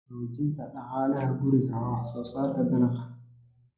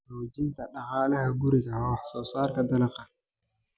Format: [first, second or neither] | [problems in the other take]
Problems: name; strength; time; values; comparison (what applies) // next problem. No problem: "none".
second | noise reduction (neural separator model SepFormer DNS4)